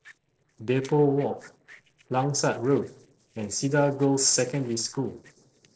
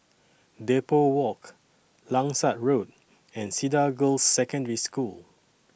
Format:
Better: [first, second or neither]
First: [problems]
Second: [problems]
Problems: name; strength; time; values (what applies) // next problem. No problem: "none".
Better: second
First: noise reduction (neural separator model SepFormer DNS4)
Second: none